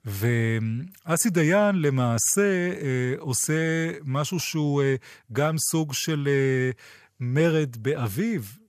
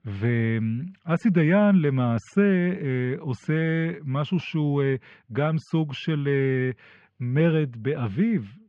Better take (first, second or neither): first